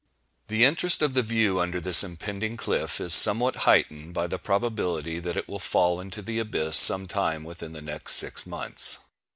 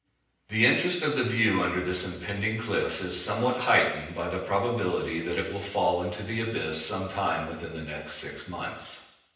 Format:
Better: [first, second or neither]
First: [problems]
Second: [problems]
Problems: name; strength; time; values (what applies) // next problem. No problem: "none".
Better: first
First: none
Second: room echo; dies away in 0.9 s